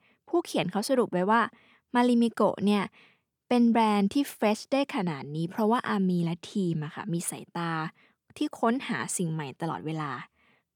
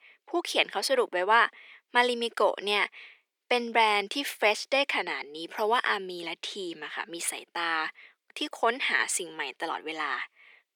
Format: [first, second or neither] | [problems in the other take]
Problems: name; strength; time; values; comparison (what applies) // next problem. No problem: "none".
first | thin; very; fading below 400 Hz